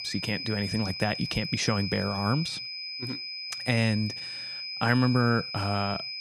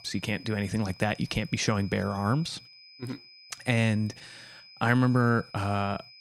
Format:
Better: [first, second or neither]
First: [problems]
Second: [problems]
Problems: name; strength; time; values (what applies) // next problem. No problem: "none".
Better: second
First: high-pitched whine; loud; throughout; 5 kHz, 6 dB below the speech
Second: high-pitched whine; faint; throughout; 5 kHz, 20 dB below the speech